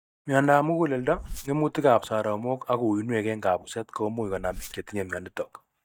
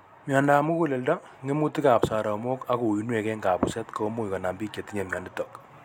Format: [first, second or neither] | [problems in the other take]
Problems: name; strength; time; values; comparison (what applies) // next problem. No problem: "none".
second | noise reduction (neural mask model DeepFilterNet 3)